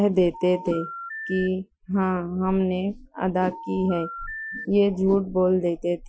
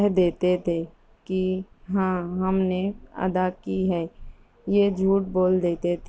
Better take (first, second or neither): second